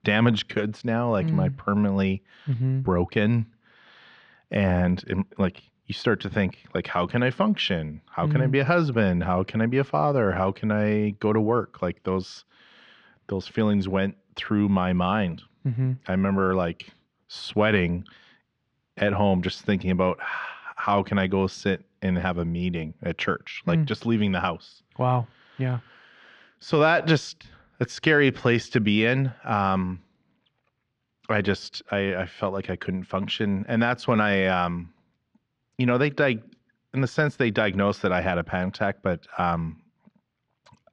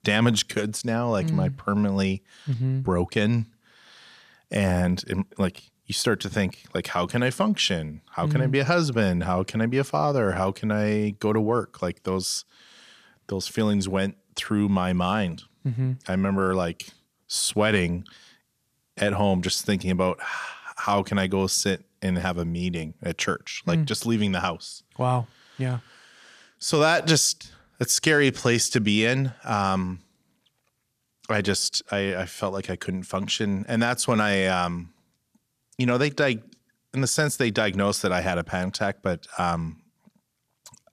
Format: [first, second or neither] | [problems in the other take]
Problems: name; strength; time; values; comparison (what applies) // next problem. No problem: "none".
second | muffled; slightly; fading above 3 kHz